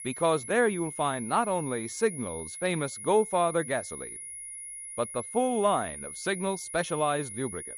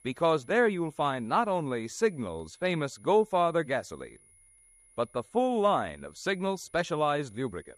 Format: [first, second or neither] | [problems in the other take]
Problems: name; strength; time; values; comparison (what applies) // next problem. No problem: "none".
second | high-pitched whine; loud; throughout; 10.5 kHz, 9 dB below the speech; faint in the second